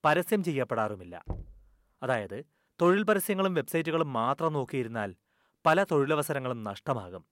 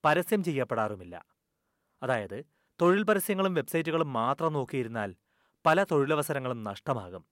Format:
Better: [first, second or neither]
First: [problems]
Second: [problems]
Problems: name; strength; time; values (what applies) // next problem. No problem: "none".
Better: second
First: door banging; faint; at 1.5 s; peak 15 dB below the speech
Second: none